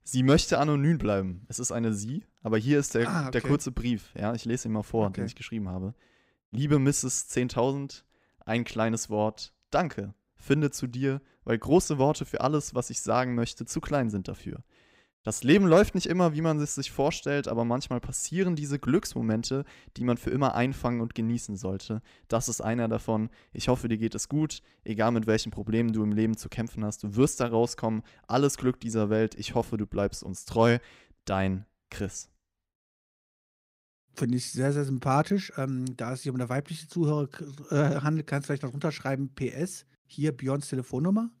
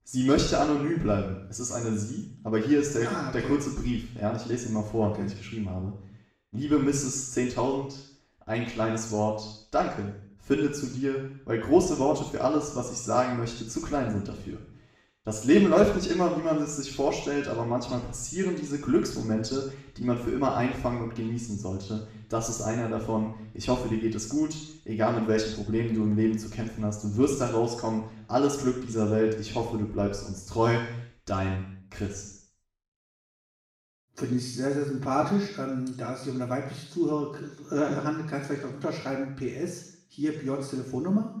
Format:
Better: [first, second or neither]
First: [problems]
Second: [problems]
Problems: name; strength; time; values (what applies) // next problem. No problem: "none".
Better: first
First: none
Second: room echo; noticeable; dies away in 0.6 s // off-mic speech; far